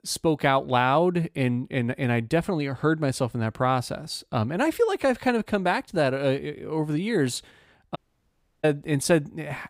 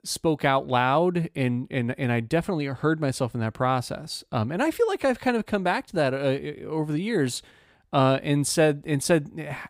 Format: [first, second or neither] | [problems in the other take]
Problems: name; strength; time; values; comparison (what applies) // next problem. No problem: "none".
second | audio cutting out; at 8 s for 0.5 s